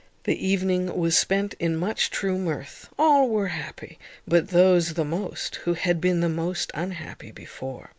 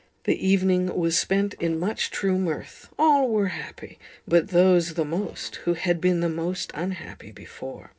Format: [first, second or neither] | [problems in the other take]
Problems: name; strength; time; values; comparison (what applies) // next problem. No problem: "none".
first | noise reduction (neural separator model SepFormer DNS4)